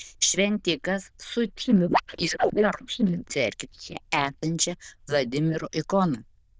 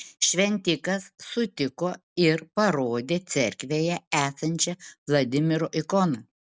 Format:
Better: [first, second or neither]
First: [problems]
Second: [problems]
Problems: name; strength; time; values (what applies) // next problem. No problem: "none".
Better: second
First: noise reduction (neural diffusion model UNIVERSE++)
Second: none